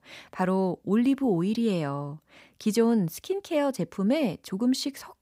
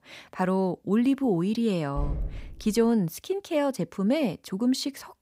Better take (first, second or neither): first